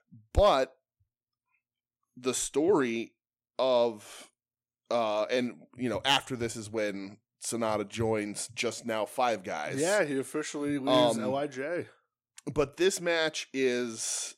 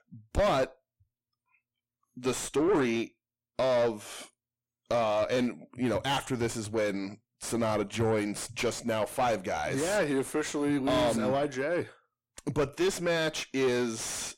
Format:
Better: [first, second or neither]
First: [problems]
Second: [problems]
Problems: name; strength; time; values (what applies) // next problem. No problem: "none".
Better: first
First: none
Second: distortion; heavy; 6 dB below the speech